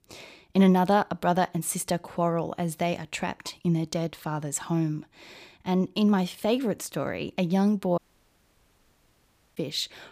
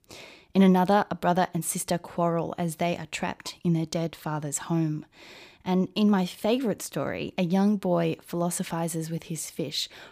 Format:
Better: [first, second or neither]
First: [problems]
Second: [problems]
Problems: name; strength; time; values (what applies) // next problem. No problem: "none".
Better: second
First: audio cutting out; at 8 s for 1.5 s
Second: none